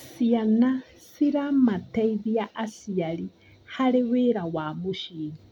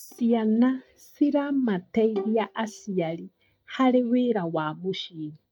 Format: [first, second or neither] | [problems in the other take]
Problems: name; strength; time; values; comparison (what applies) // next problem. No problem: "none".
first | noise reduction (neural mask model DeepFilterNet 3)